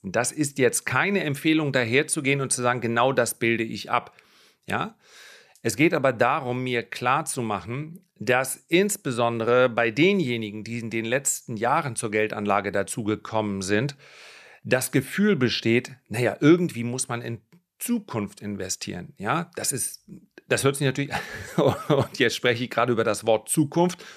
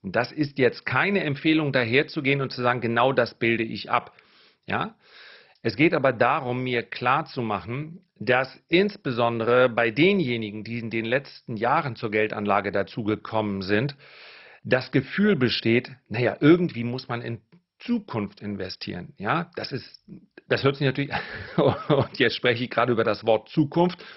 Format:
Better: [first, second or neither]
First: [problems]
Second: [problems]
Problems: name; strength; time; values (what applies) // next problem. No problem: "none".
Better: first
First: none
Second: garbled, watery; badly; nothing above 5.5 kHz